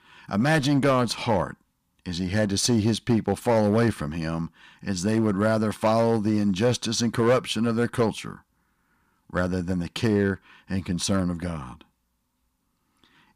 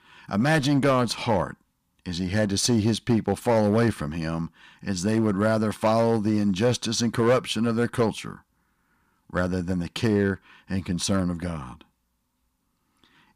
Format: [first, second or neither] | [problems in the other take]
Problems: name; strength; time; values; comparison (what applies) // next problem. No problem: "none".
neither | distortion; slight; 4% of the sound clipped; the same in both